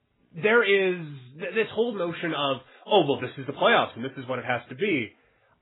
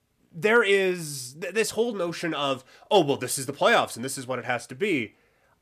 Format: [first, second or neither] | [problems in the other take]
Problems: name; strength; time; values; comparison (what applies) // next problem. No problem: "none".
second | garbled, watery; badly; nothing above 3.5 kHz